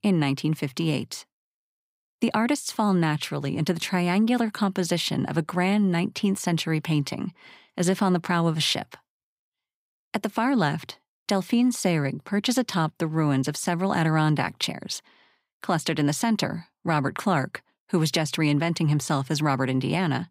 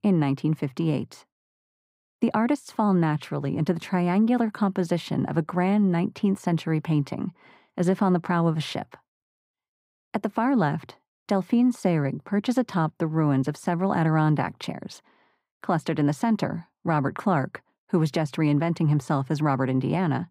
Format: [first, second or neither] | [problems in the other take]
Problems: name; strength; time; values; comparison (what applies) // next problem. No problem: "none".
first | muffled; slightly; fading above 2 kHz